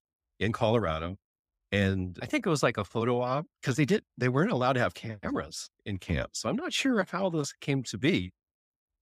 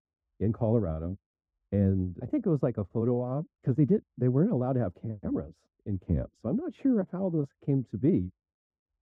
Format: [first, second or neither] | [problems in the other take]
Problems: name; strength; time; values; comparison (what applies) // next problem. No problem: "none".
first | muffled; very; fading above 1.5 kHz